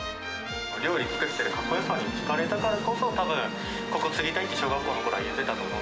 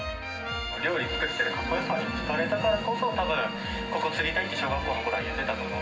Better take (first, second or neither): first